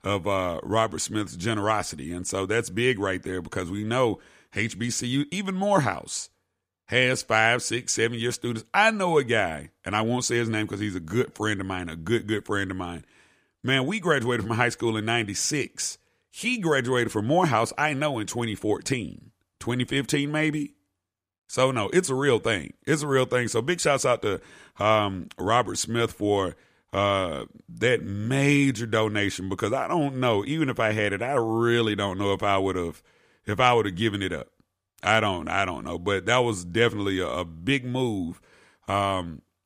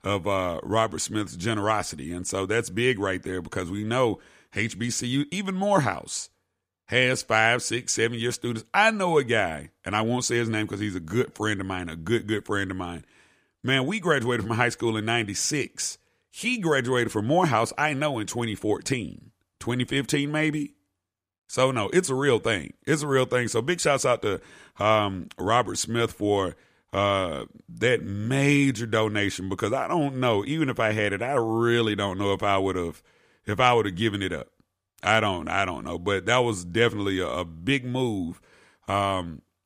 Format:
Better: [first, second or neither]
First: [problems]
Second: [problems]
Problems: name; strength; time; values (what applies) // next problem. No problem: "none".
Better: neither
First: none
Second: none